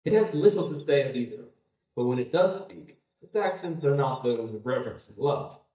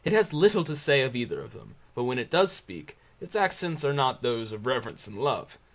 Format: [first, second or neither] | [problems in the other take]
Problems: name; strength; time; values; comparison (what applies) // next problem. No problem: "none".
second | noise reduction (neural mask model DeepFilterNet 3)